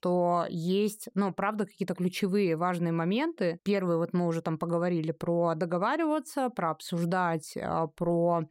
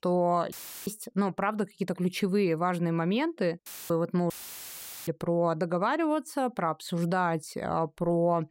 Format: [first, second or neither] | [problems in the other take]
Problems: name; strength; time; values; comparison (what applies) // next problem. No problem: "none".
first | audio cutting out; filled with static; at 0.5 s, at 3.5 s and at 4.5 s for 1 s